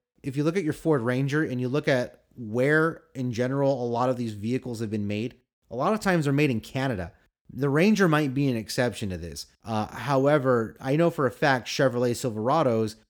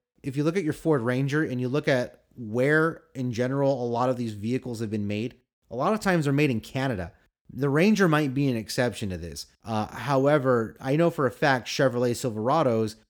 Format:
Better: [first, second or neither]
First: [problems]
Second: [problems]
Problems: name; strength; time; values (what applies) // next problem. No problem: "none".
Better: neither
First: none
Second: none